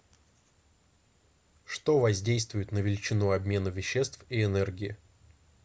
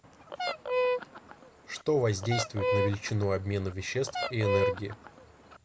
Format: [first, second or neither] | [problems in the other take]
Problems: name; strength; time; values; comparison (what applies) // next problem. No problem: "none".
first | background sound (Fowl); 1 dB below the speech